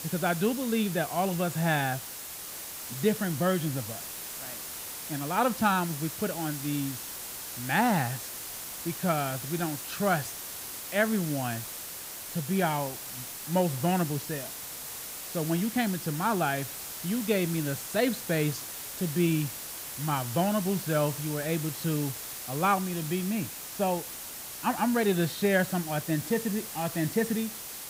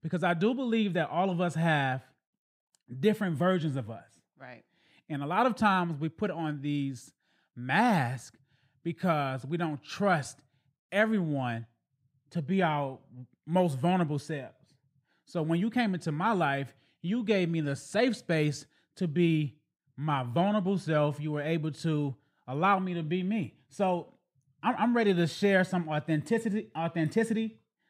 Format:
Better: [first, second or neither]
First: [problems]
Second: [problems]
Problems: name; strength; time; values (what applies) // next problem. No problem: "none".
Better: second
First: hiss; loud; throughout; 7 dB below the speech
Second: none